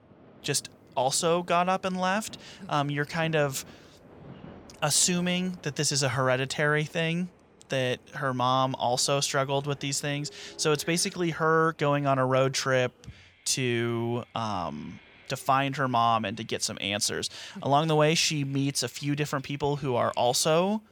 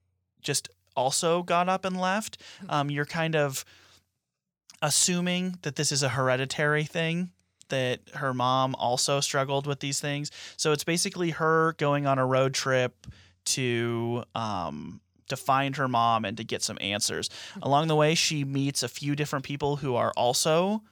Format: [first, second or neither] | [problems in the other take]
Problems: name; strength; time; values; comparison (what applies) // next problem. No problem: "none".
second | train or aircraft noise; faint; throughout; 25 dB below the speech